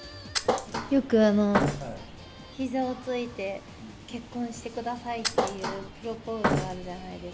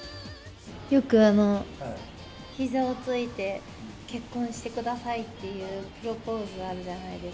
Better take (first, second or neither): second